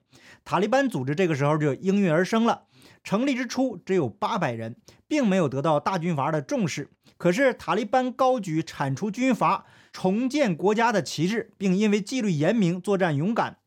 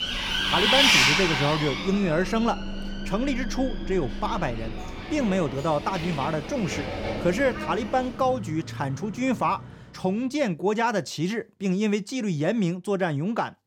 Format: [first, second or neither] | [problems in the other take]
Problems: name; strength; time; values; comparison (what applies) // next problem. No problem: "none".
first | traffic noise; very loud; until 10 s; as loud as the speech